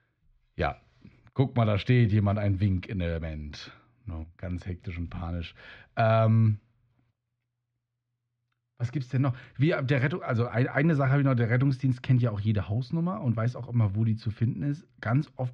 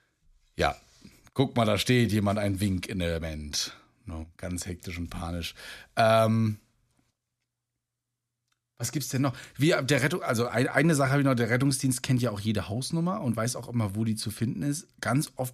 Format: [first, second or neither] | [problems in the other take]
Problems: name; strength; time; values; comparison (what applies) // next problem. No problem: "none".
second | muffled; slightly; fading above 3 kHz